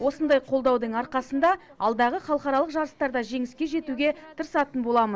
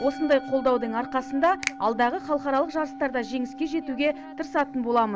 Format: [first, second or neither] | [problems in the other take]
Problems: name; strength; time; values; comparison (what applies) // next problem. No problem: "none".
first | background sound (Musical instrument + Finger snapping); 12 dB below the speech